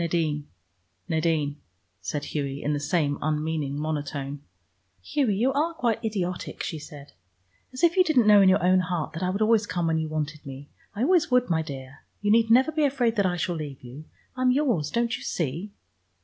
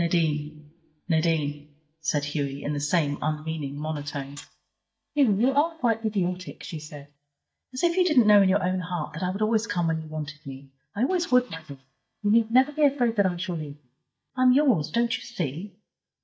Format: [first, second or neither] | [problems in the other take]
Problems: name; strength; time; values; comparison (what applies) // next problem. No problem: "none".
first | noise reduction (neural mask model DeepFilterNet 3)